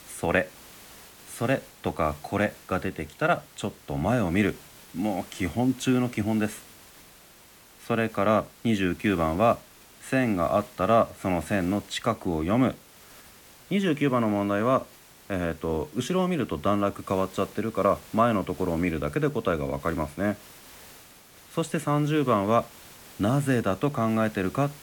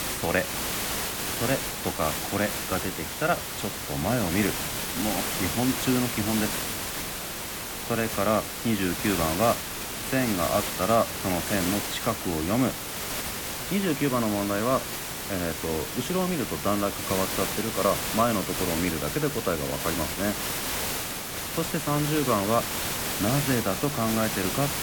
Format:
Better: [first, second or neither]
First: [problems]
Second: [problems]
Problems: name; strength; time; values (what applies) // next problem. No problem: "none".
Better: first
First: hiss; faint; throughout; 20 dB below the speech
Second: hiss; loud; throughout; 2 dB below the speech